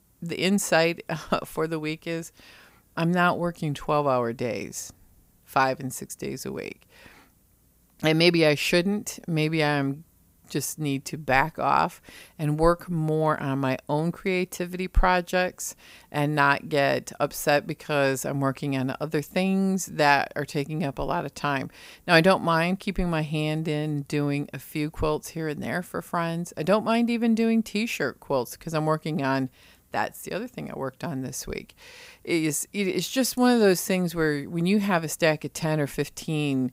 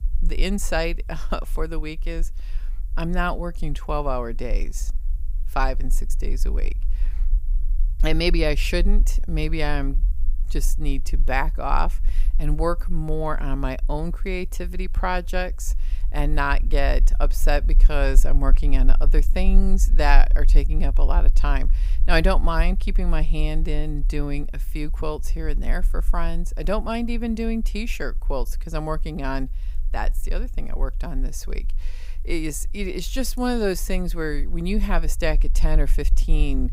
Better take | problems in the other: first | low rumble; faint; throughout; 25 dB below the speech

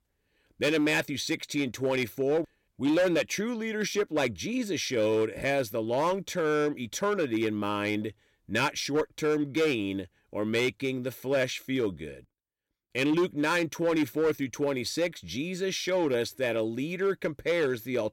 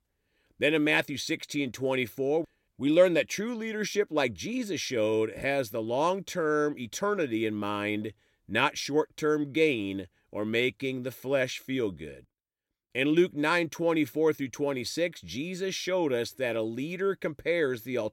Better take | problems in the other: second | distortion; slight; 6% of the sound clipped

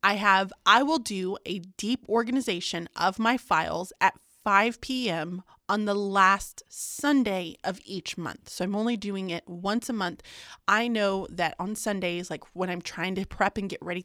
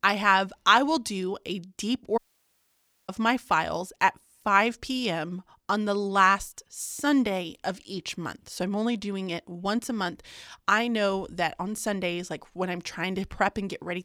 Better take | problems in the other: first | audio cutting out; at 2 s for 1 s

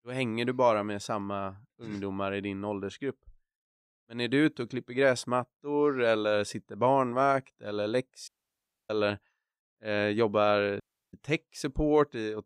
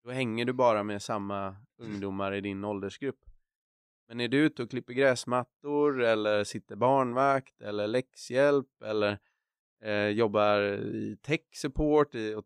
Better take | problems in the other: second | audio cutting out; at 8.5 s for 0.5 s and at 11 s

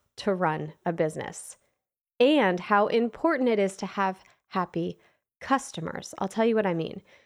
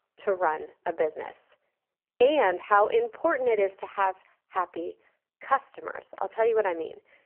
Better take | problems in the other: first | phone-call audio; poor line; nothing above 3 kHz

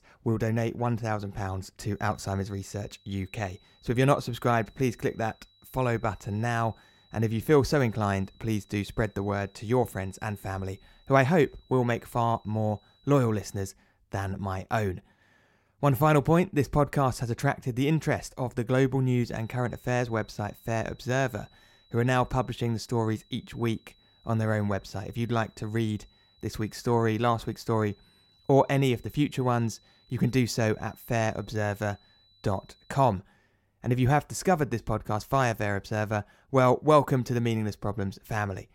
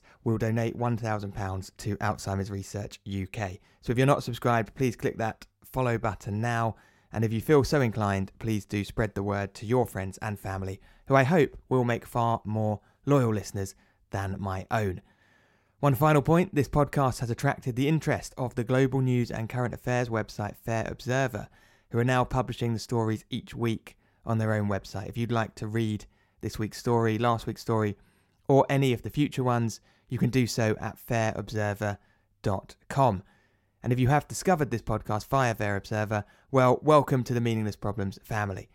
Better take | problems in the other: second | high-pitched whine; faint; from 2 to 14 s and from 19 to 33 s; 4 kHz, 35 dB below the speech

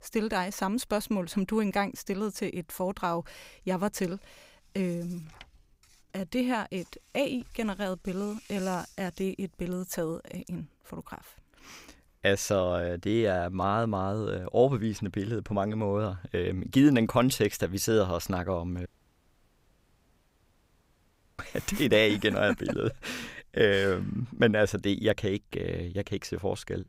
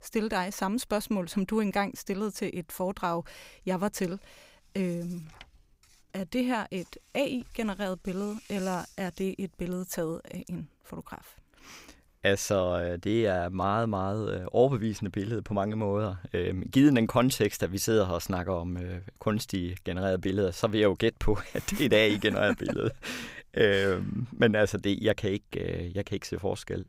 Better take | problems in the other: second | audio cutting out; at 19 s for 2.5 s

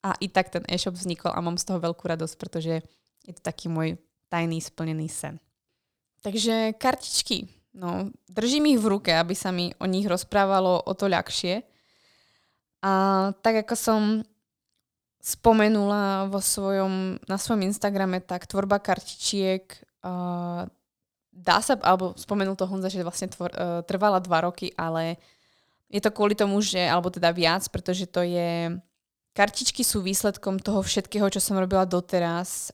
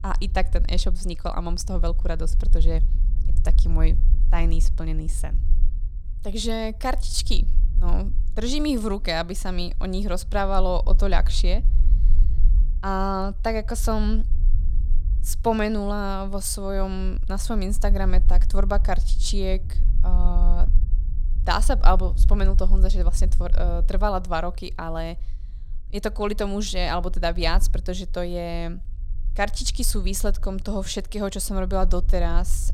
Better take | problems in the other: first | low rumble; faint; throughout; 20 dB below the speech

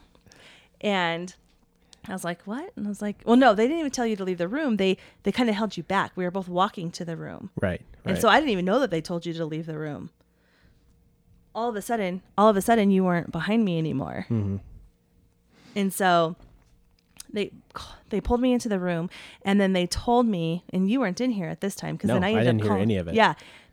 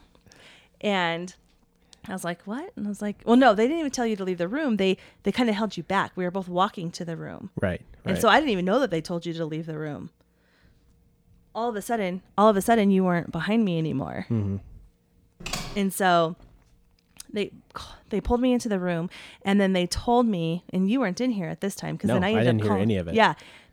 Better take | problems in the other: first | keyboard typing; noticeable; at 15 s; peak 8 dB below the speech

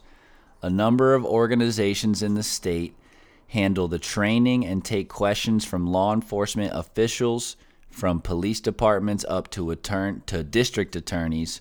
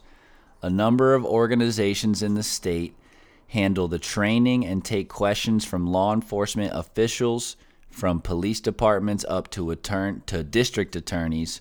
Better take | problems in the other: neither | none

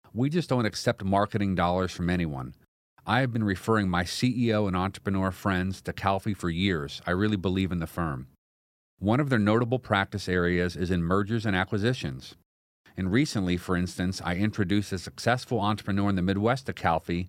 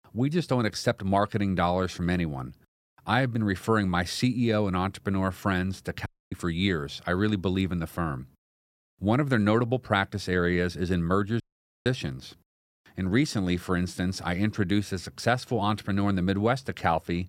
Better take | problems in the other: first | audio cutting out; at 6 s and at 11 s

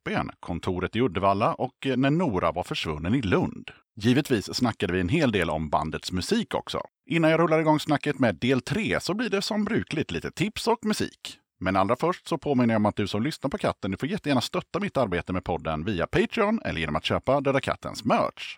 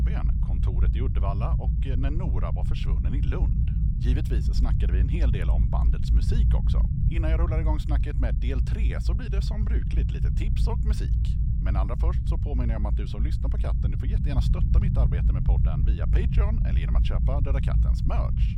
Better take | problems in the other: first | low rumble; loud; throughout; 3 dB below the speech

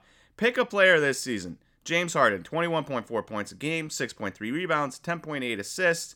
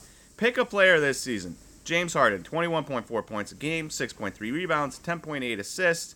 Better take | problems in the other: first | hiss; faint; throughout; 30 dB below the speech

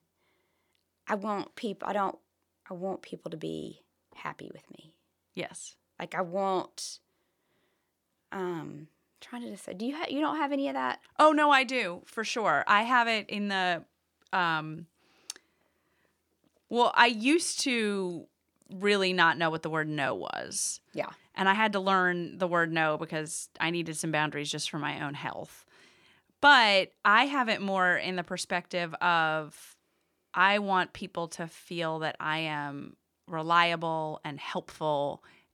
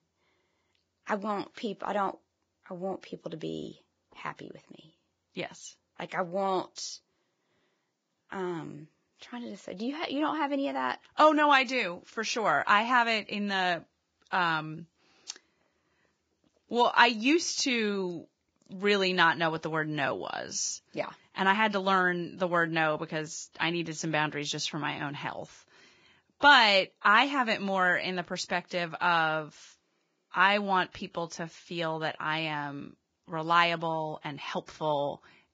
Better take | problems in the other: first | garbled, watery; badly; nothing above 7.5 kHz

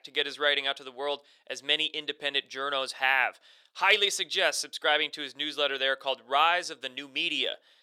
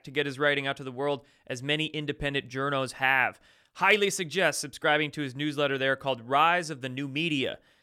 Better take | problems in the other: second | thin; somewhat; fading below 550 Hz

